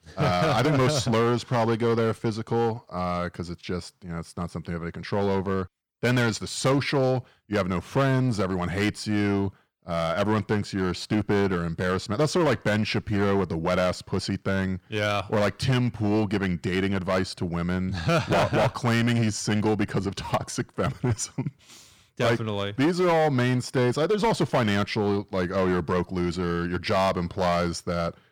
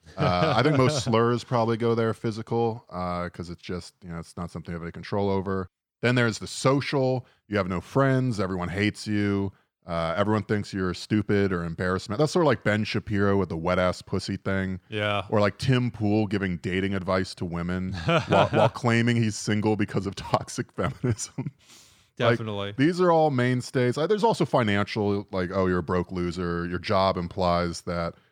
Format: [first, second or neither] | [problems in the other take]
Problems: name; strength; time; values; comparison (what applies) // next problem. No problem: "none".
second | distortion; slight; 9% of the sound clipped